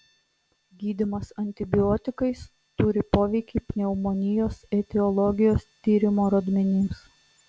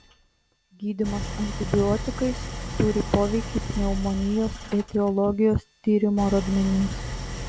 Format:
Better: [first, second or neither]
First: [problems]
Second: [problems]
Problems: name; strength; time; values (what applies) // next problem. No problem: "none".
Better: first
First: none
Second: background sound (Idling); 8 dB below the speech